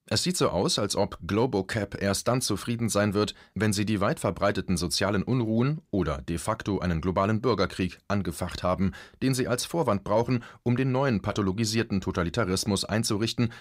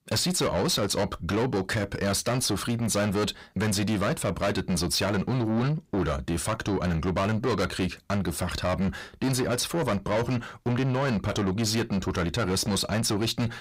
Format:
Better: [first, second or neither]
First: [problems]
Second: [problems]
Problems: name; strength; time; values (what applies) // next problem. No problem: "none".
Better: first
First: none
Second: distortion; heavy; 8 dB below the speech